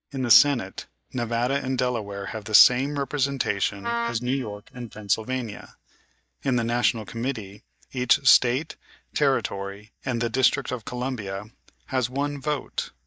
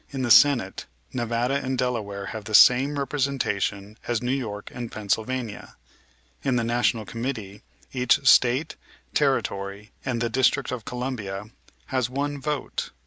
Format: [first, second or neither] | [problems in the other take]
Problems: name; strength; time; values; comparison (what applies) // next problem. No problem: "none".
second | noise reduction (neural mask model DeepFilterNet 3)